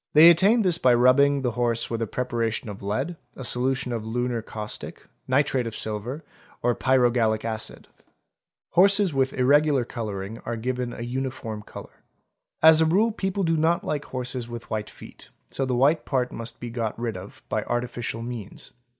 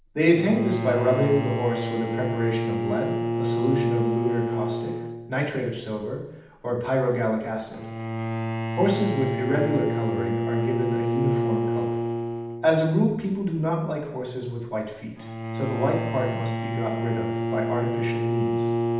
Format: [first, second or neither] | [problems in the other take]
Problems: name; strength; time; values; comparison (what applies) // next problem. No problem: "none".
first | background sound (Bowed string instrument); 2 dB below the speech // room echo; dies away in 0.8 s